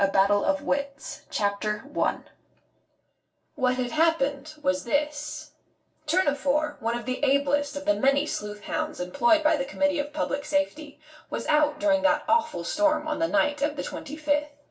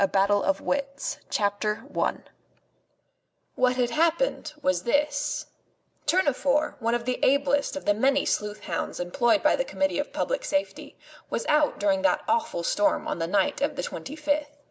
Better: second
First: room echo; dies away in 0.2 s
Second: none

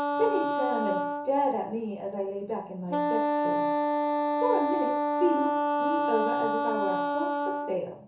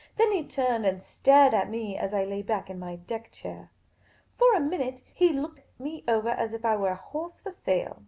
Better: second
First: background sound (Wind instrument, woodwind instrument); 3 dB above the speech // room echo; dies away in 0.7 s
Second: none

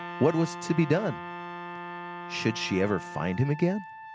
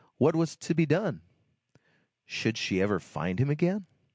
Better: second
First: background sound (Wind instrument, woodwind instrument + Trumpet); 10 dB below the speech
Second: none

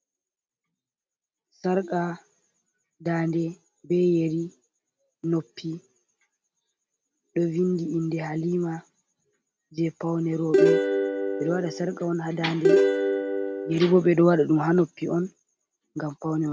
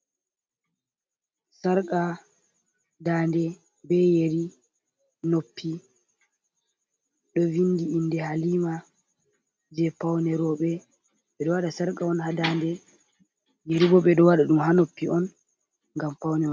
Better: second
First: background sound (Plucked string instrument); 3 dB above the speech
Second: none

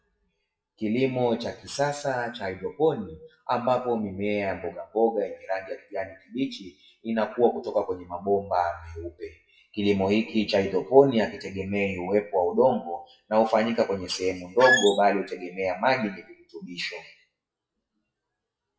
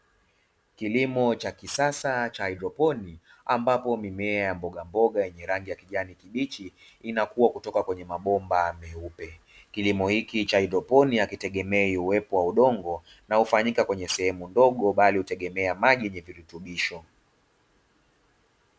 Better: second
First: noise reduction (classical method WPE with log-MMSE)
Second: none

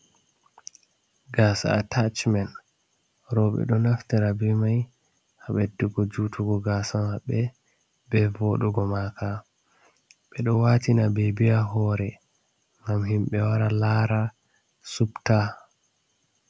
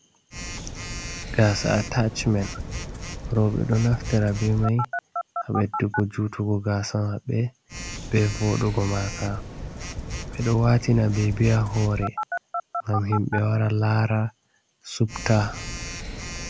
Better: first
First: none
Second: background sound (Telephone); 9 dB below the speech

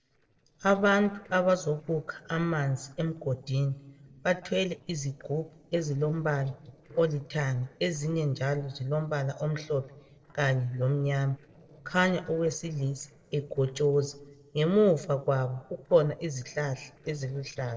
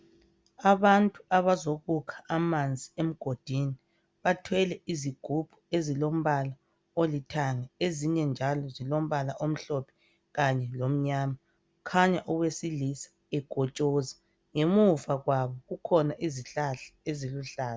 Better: second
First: noise reduction (neural separator model SepFormer DNS4)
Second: none

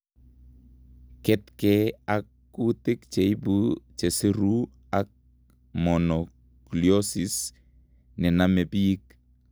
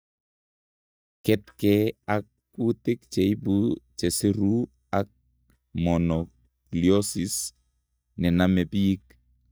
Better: first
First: none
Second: noise reduction (neural mask model DeepFilterNet 3)

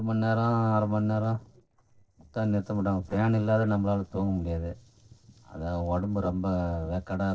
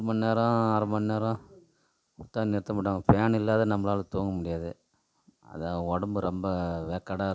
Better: second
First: noise reduction (neural separator model SepFormer DNS4)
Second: none

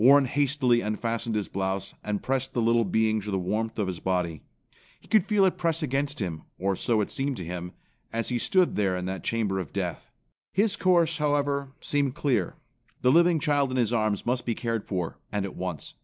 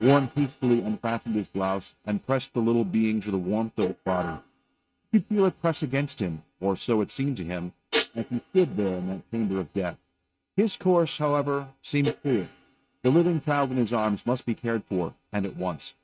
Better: first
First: none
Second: noise reduction (neural mask model RNNoise)

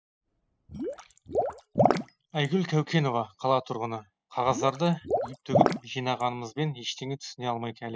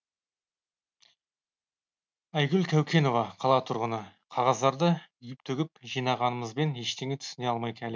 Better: second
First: noise reduction (classical method spectral subtraction)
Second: none

